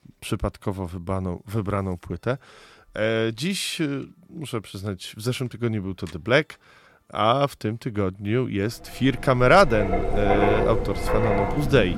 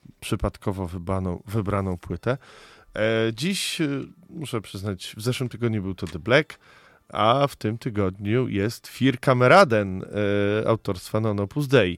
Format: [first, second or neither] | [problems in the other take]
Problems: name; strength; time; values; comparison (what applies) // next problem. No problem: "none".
second | wind in the background; loud; from 9.5 s on; 2 dB below the speech